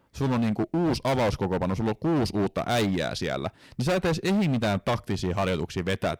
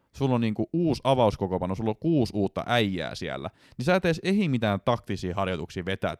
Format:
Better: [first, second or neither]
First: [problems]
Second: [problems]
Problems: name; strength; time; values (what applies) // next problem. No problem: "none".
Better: second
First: distortion; heavy; 19% of the sound clipped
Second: none